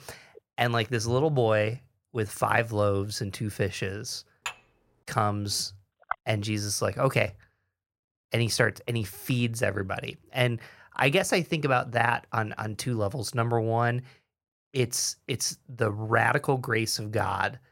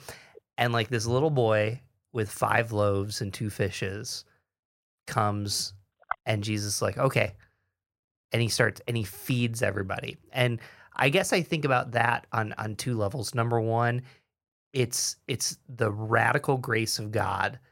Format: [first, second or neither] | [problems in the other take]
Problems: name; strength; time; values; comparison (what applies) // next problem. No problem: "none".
second | clattering dishes; faint; at 4.5 s; peak 10 dB below the speech